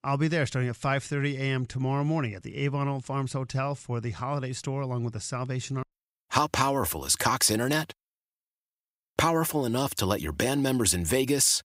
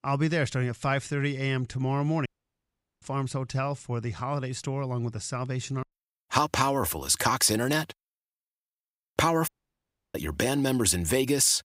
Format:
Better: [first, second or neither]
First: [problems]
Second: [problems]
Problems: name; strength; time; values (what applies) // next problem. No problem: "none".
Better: first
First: none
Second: audio cutting out; at 2.5 s for 1 s and at 9.5 s for 0.5 s